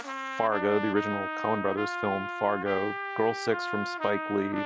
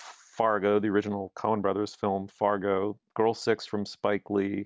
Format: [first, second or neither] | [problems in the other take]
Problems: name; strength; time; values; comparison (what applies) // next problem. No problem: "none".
second | background sound (Trumpet); 5 dB below the speech